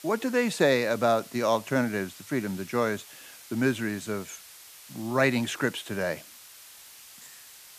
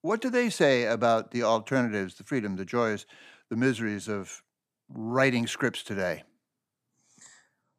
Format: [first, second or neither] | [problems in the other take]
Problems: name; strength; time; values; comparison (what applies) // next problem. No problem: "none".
second | hiss; noticeable; throughout; 20 dB below the speech